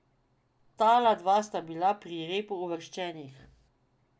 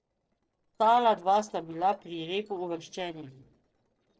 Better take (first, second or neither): first